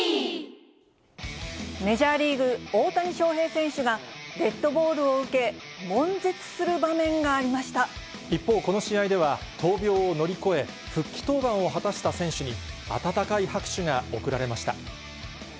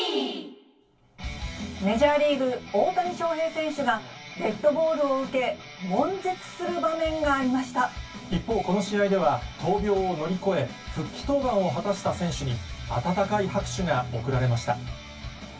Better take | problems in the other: first | room echo; dies away in 0.1 s

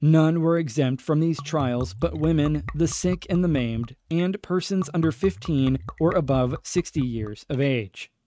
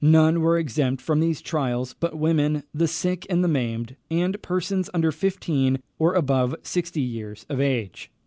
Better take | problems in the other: second | noise reduction (neural mask model RNNoise)

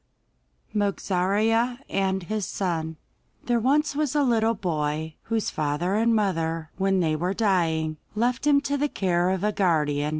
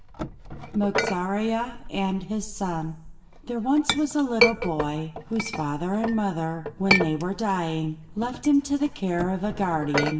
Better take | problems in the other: first | background sound (Chink, clink); 4 dB below the speech // room echo; dies away in 0.7 s

